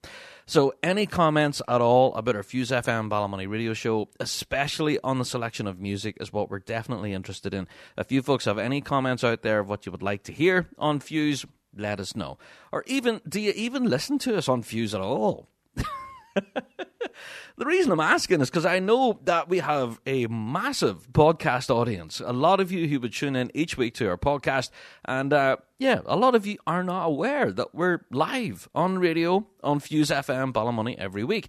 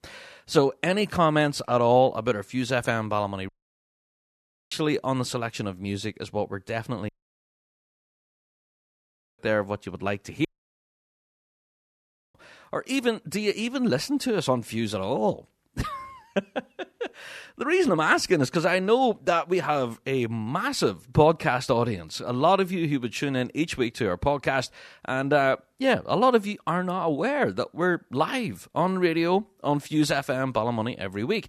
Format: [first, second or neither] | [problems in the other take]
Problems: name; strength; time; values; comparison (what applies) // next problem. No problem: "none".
first | audio cutting out; at 3.5 s for 1 s, at 7 s for 2.5 s and at 10 s for 2 s